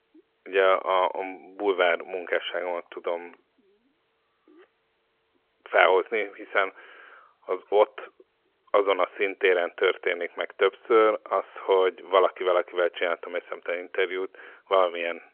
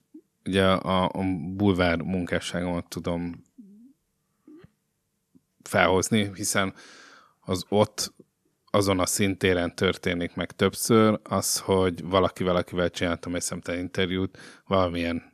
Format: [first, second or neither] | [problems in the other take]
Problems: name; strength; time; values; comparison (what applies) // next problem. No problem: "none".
second | phone-call audio; nothing above 3.5 kHz